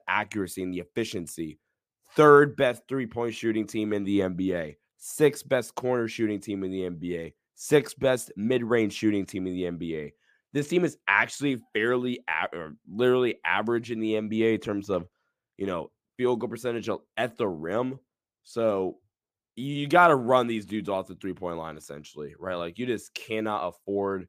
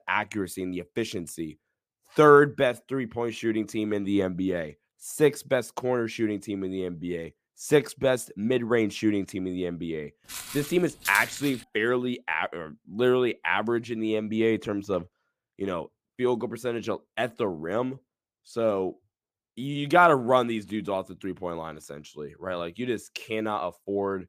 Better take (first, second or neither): first